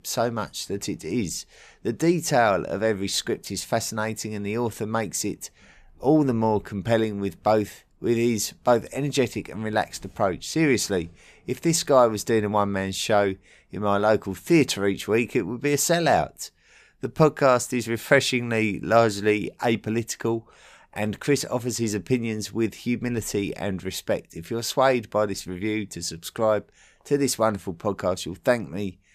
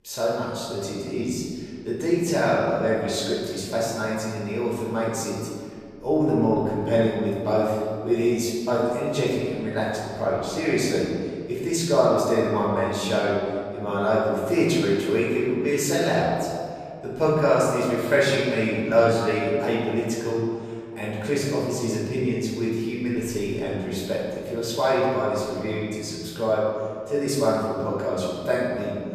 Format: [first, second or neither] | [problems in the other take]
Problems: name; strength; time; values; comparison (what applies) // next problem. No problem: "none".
first | room echo; strong; dies away in 1.9 s // off-mic speech; far